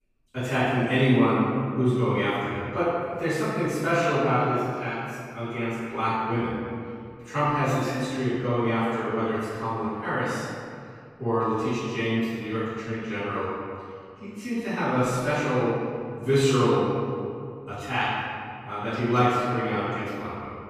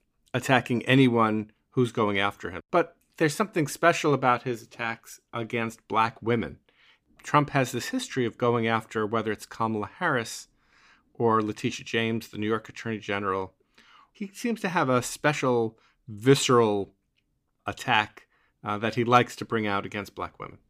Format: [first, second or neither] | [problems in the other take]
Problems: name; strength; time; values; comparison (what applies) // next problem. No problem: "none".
second | off-mic speech; far // room echo; strong; dies away in 2.2 s